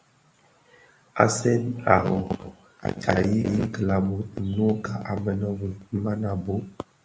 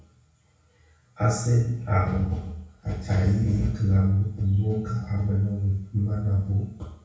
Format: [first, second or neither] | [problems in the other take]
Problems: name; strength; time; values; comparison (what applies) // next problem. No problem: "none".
first | room echo; dies away in 0.6 s